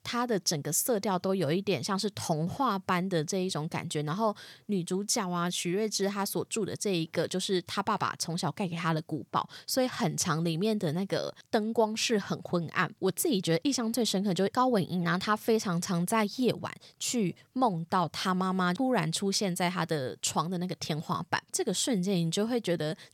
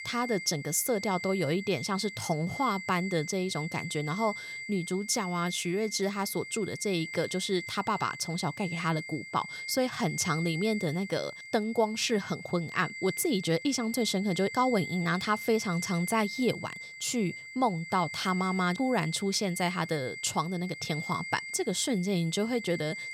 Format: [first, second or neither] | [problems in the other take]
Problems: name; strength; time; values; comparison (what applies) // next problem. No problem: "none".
first | high-pitched whine; loud; throughout; 2 kHz, 9 dB below the speech